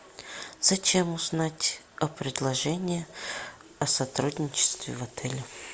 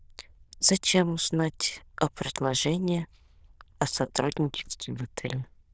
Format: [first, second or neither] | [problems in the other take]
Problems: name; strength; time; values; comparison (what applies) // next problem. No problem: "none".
first | noise reduction (neural diffusion model UNIVERSE++)